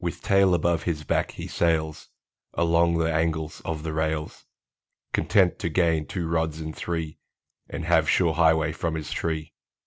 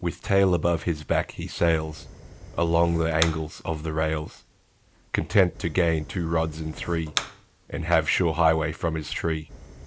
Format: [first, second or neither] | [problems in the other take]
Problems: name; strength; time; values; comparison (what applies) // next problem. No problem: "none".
first | background sound (Fire); 15 dB below the speech